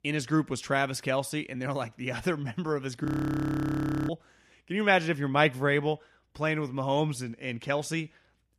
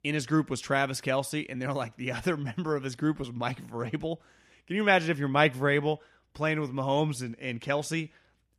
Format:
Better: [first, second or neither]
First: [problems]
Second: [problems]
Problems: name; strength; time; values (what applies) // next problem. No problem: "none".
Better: second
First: audio freezing; at 3 s for 1 s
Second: none